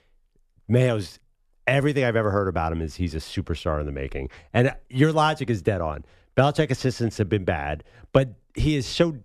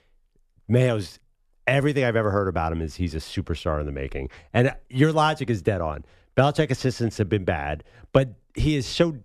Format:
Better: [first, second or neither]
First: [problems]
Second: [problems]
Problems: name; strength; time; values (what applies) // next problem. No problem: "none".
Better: neither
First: none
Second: none